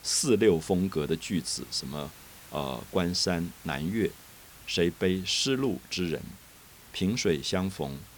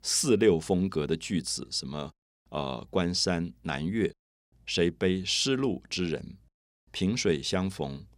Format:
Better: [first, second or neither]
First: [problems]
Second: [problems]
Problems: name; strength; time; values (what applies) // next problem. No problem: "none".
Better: second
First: hiss; noticeable; throughout; 20 dB below the speech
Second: none